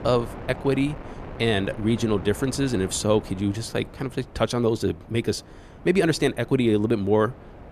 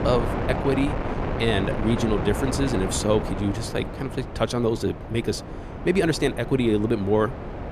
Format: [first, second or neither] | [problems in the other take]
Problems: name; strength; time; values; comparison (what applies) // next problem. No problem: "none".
first | wind noise on the microphone; heavy; 6 dB below the speech; occasional gusts in the first